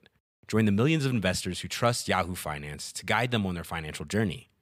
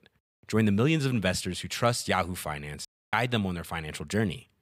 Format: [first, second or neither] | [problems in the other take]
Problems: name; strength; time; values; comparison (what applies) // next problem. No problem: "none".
first | audio cutting out; at 3 s